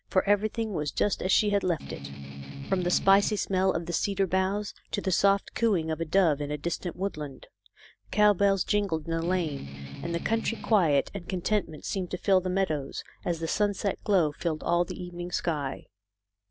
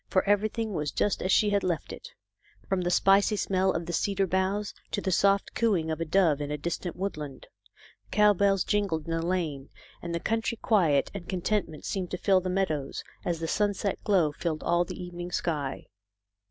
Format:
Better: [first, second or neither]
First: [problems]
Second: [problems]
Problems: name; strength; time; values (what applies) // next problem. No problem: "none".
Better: second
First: background sound (Strum); 10 dB below the speech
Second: none